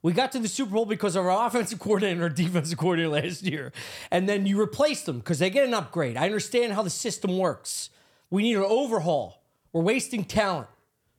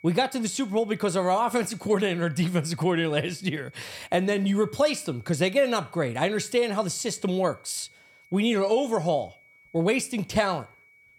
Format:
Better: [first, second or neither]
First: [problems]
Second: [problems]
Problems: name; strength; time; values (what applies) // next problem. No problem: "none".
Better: first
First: none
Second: high-pitched whine; faint; throughout; 2 kHz, 30 dB below the speech